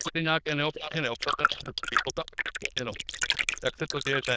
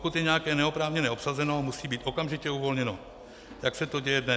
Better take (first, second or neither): second